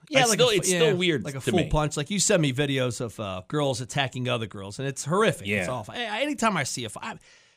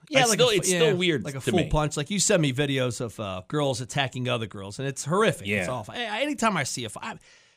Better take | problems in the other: neither | none

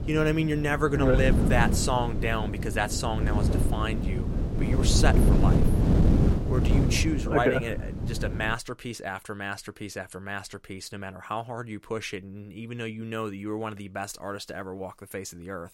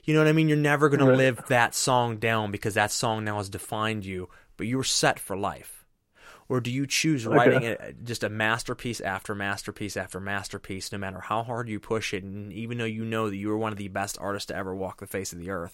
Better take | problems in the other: second | wind noise on the microphone; heavy; until 8.5 s; 4 dB below the speech

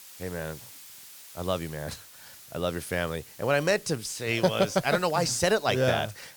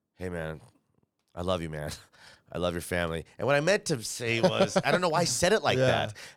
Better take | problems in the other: second | hiss; noticeable; throughout; 20 dB below the speech

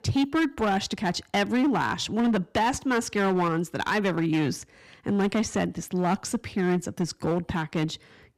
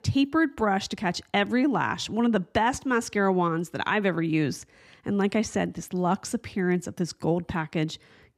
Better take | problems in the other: second | distortion; slight; 9% of the sound clipped

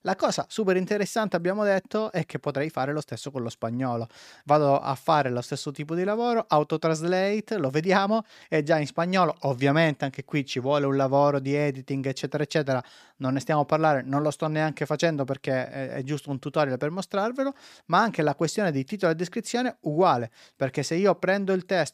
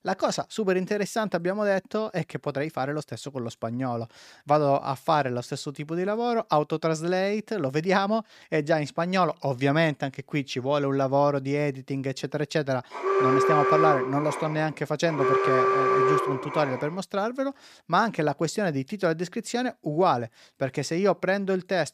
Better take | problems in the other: first | alarm; loud; from 13 to 17 s; peak 5 dB above the speech

